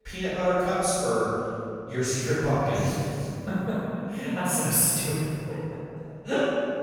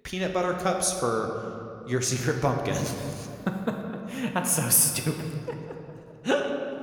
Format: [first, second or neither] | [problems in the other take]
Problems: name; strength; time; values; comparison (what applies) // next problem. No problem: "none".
second | room echo; strong; dies away in 2.5 s; slight in the second // off-mic speech; far